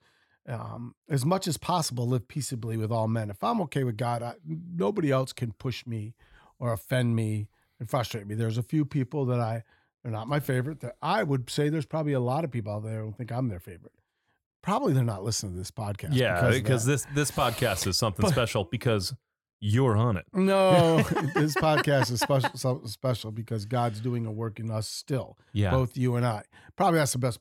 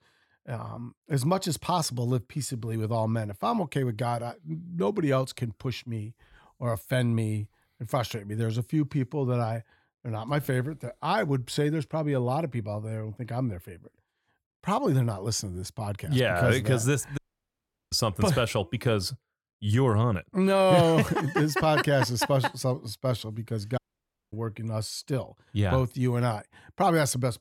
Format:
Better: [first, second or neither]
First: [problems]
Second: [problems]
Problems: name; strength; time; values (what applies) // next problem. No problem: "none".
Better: first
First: none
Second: audio cutting out; at 17 s for 0.5 s and at 24 s for 0.5 s